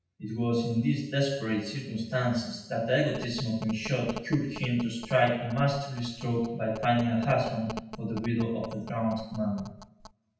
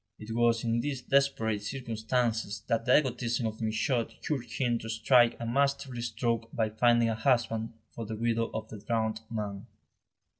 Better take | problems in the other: second | background sound (Telephone); 15 dB below the speech // room echo; dies away in 0.9 s

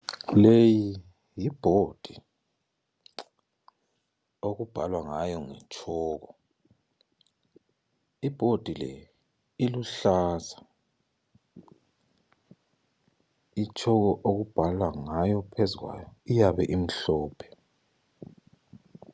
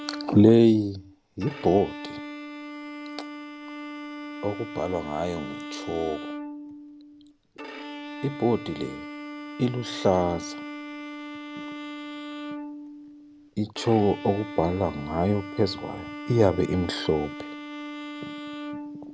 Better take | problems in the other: first | background sound (Bowed string instrument); 11 dB below the speech

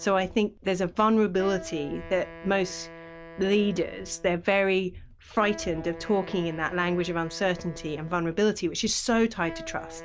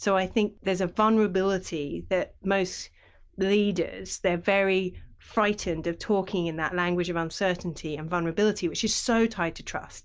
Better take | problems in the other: second | background sound (Wind instrument, woodwind instrument); 17 dB below the speech

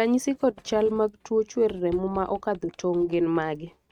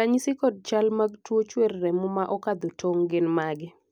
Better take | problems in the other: second | noise reduction (neural mask model RNNoise)

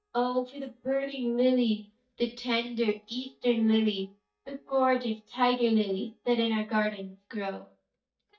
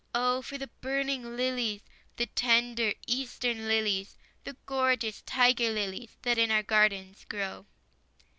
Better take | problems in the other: second | noise reduction (neural mask model DeepFilterNet 3)

